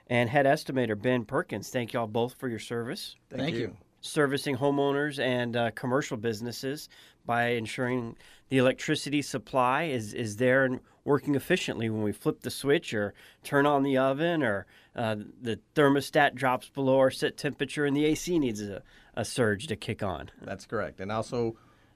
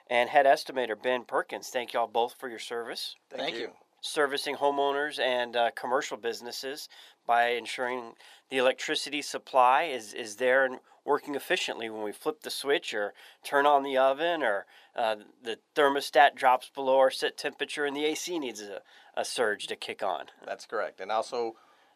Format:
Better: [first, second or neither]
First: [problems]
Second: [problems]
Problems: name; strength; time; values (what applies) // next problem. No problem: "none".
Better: first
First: none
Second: thin; somewhat; fading below 550 Hz